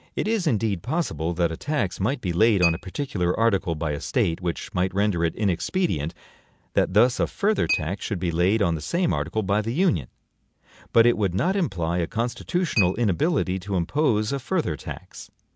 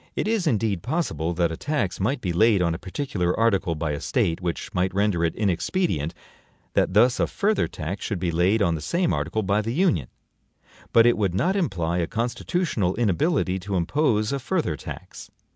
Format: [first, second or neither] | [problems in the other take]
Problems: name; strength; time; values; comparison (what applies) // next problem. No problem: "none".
second | background sound (Chink, clink); 17 dB below the speech